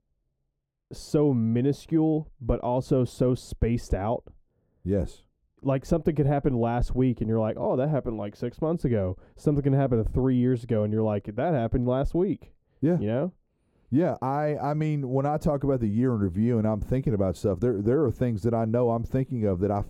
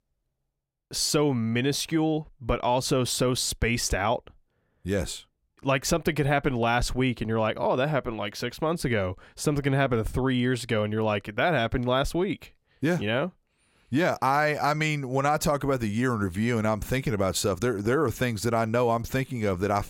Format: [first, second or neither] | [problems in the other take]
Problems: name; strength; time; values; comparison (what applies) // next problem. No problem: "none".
second | muffled; very; fading above 1 kHz